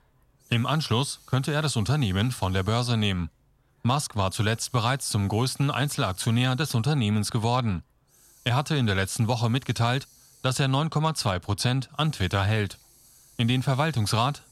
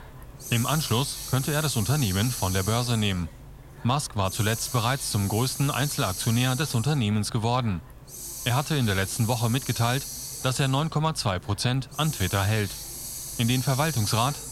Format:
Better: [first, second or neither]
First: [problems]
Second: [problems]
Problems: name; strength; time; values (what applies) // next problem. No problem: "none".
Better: first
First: hiss; faint; throughout; 30 dB below the speech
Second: hiss; loud; throughout; 8 dB below the speech